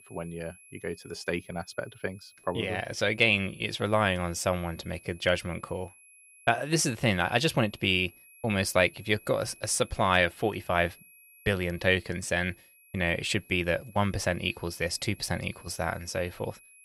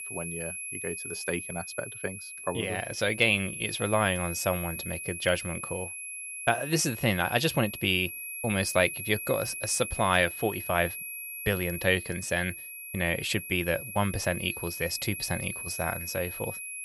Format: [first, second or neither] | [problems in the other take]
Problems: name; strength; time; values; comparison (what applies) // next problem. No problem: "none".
first | high-pitched whine; loud; throughout; 2.5 kHz, 7 dB below the speech; faint in the first